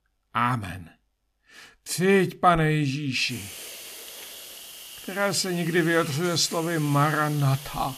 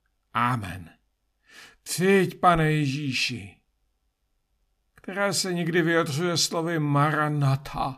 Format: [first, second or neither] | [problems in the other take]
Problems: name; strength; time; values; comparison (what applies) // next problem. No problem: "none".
second | hiss; noticeable; from 3.5 s on; 15 dB below the speech